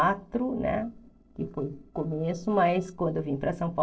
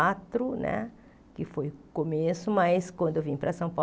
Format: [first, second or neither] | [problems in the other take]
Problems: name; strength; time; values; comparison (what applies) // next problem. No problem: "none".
second | noise reduction (neural separator model SepFormer DNS4)